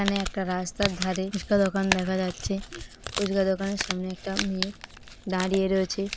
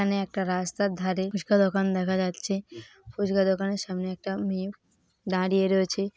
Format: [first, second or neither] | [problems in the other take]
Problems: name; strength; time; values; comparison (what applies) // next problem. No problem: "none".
second | background sound (Crumpling, crinkling); 7 dB below the speech